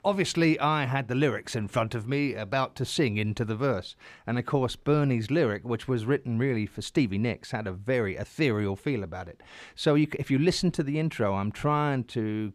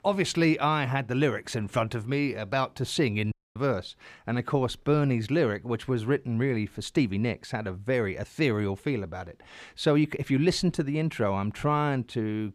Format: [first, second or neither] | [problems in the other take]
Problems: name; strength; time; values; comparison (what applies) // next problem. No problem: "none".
first | audio cutting out; at 3.5 s